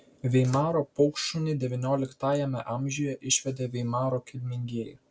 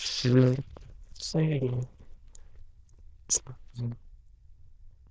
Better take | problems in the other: first | noise reduction (neural diffusion model UNIVERSE++)

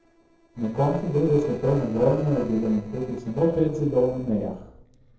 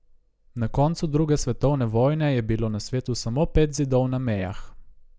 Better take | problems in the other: second | noise reduction (neural separator model SepFormer DNS4)

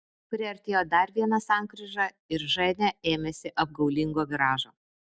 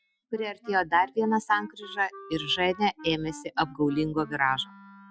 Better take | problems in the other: first | noise reduction (classical method Wiener filter)

